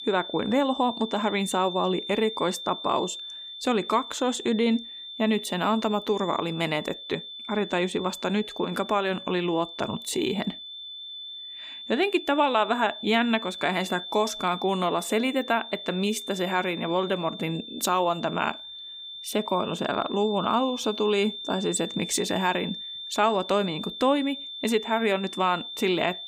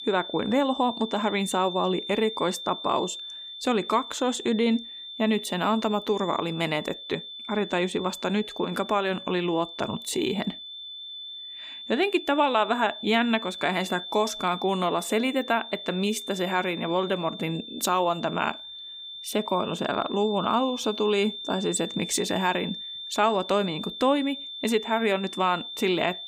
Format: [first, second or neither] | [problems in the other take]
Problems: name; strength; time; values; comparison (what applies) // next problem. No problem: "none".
neither | high-pitched whine; loud; throughout; 3.5 kHz, 10 dB below the speech; the same in both